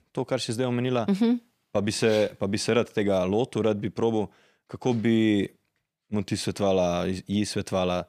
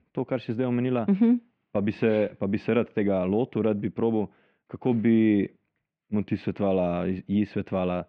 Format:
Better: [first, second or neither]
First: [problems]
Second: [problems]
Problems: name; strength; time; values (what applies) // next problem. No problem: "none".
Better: first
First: none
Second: muffled; very; fading above 2.5 kHz